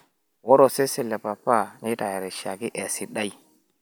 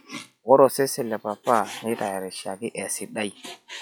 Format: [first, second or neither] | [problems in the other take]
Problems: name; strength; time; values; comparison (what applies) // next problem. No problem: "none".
first | noise reduction (classical method log-MMSE)